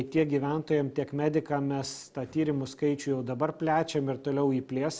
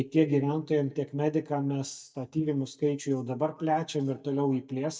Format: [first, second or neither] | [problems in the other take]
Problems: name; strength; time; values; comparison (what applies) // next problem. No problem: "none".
first | noise reduction (neural mask model DeepFilterNet 3)